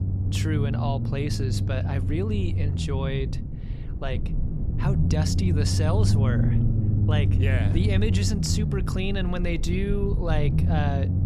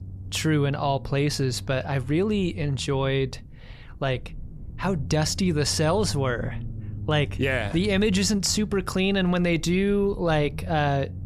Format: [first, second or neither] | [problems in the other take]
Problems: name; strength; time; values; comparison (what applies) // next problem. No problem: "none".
second | low rumble; loud; throughout; 5 dB below the speech; faint in the second